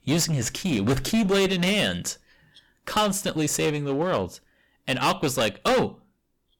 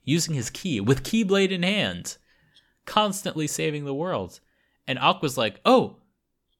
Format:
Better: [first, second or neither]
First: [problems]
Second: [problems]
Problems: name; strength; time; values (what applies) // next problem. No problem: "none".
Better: second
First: distortion; heavy; 13% of the sound clipped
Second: none